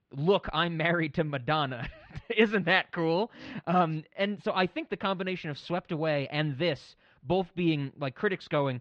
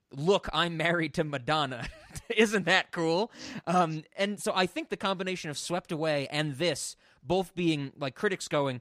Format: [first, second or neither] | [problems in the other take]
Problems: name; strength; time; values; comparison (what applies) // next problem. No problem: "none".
second | muffled; slightly; fading above 3.5 kHz